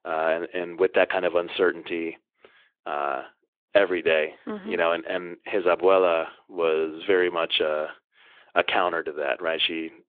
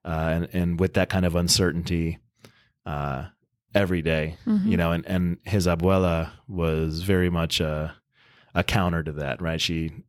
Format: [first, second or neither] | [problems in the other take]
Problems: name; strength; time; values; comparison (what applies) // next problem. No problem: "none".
second | phone-call audio; nothing above 3.5 kHz